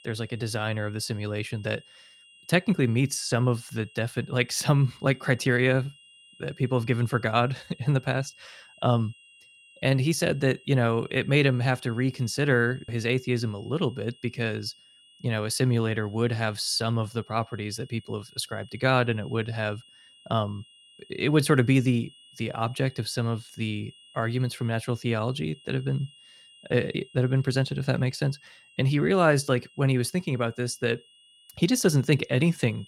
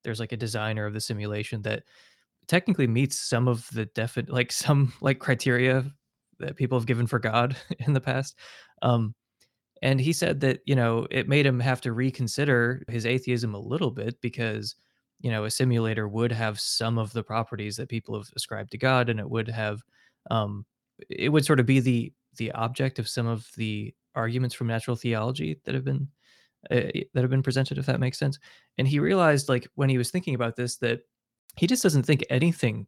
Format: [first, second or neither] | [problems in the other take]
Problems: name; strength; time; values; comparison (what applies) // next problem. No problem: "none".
second | high-pitched whine; faint; throughout; 3 kHz, 25 dB below the speech